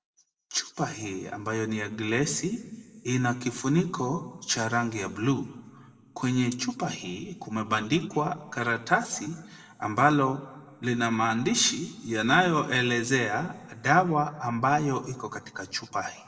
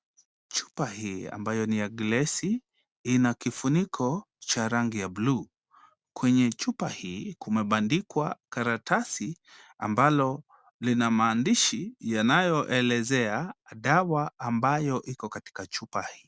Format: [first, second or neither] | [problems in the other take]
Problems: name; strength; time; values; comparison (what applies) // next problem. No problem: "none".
second | room echo; dies away in 1 s